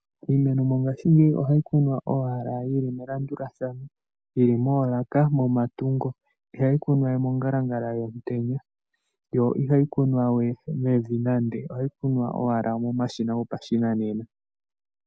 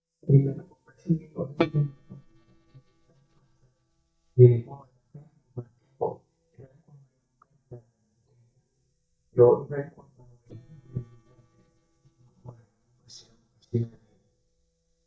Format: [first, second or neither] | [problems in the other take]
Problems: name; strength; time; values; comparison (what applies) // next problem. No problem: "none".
first | noise reduction (neural mask model DeepFilterNet 3)